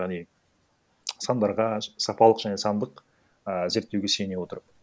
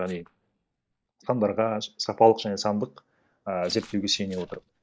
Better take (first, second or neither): first